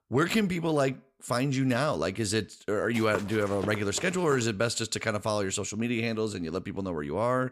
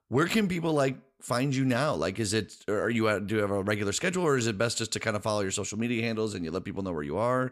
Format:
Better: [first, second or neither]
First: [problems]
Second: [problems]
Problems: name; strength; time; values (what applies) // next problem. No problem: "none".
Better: second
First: footsteps; noticeable; from 3 to 4.5 s; peak 10 dB below the speech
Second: none